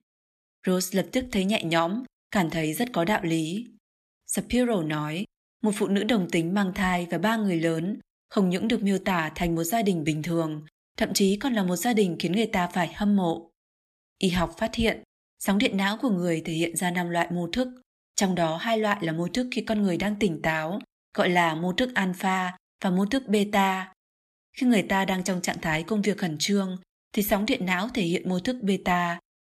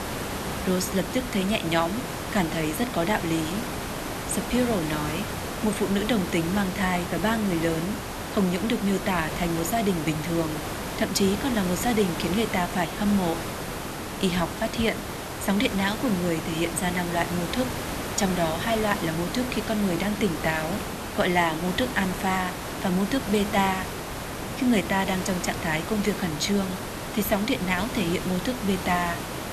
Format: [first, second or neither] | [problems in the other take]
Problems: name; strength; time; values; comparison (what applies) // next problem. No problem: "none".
first | hiss; loud; throughout; 6 dB below the speech